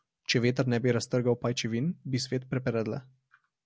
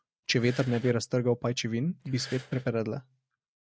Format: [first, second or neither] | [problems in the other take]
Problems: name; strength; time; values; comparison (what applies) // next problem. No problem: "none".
first | noise reduction (neural mask model RNNoise)